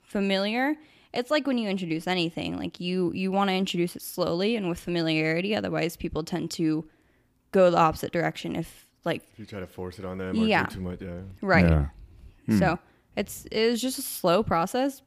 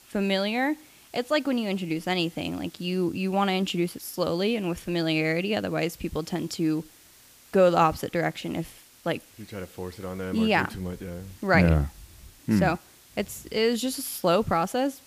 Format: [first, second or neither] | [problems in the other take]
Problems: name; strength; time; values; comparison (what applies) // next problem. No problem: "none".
first | hiss; faint; throughout; 25 dB below the speech